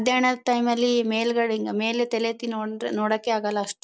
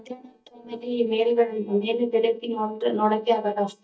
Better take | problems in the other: first | noise reduction (neural mask model DeepFilterNet 3)

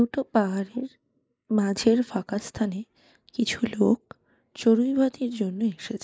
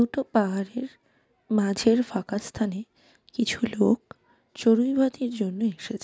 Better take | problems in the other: second | noise reduction (neural mask model Resemble Enhance denoiser)

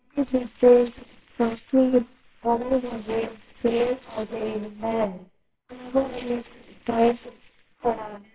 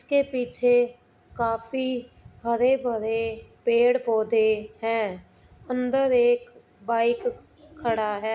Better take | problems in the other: second | noise reduction (neural separator model SepFormer WHAMR!)

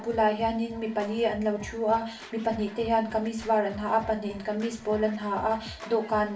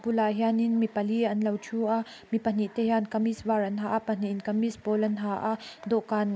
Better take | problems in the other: second | background sound (Scratching (performance technique)); 18 dB below the speech // room echo; dies away in 0.3 s

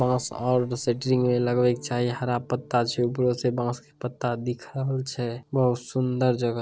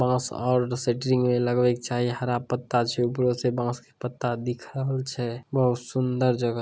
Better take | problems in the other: second | noise reduction (neural separator model SepFormer DNS4)

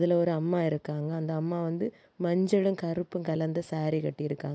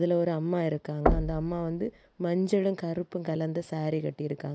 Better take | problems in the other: first | background sound (Knock); 3 dB below the speech

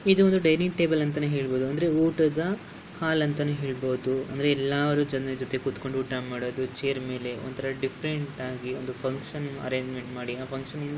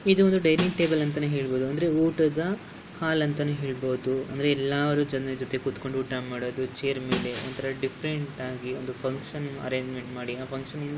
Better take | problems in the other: first | background sound (Shatter); 14 dB below the speech

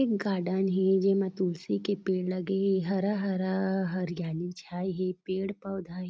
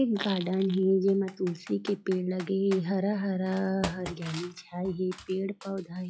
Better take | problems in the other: first | noise reduction (classical method log-MMSE)

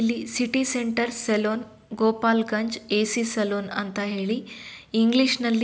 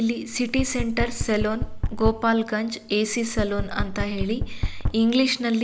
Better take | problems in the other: first | background sound (Knock); 5 dB below the speech

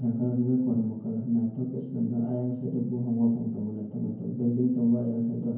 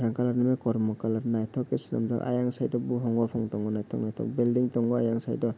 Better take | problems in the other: second | room echo; dies away in 0.9 s

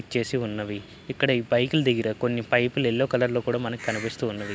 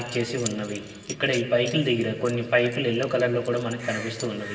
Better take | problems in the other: first | background sound (Coin (dropping) / Zipper (clothing)); 18 dB below the speech // room echo; dies away in 1.4 s

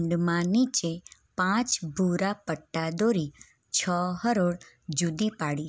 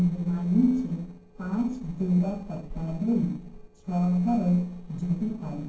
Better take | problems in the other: first | noise reduction (neural separator model SepFormer DNS4)

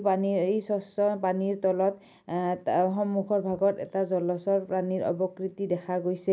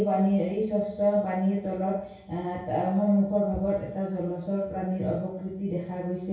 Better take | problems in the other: first | room echo; dies away in 0.6 s

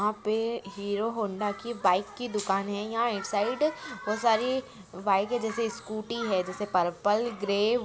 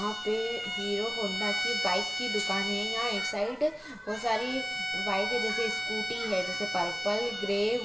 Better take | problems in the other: first | background sound (Bowed string instrument); 2 dB below the speech // room echo; dies away in 0.6 s

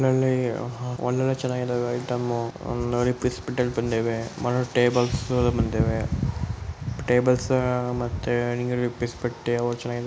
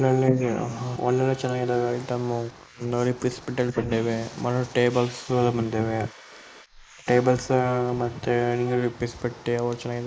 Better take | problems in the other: first | noise reduction (neural mask model Resemble Enhance denoiser)

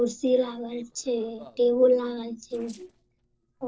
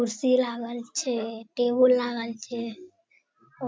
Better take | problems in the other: second | noise reduction (neural separator model SepFormer DNS4)

